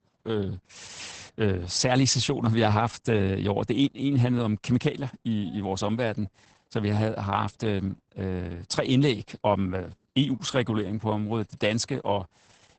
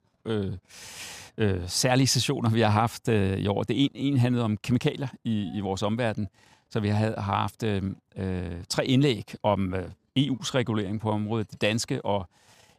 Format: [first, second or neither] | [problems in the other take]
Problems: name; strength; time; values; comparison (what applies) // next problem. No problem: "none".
second | garbled, watery; badly; nothing above 8 kHz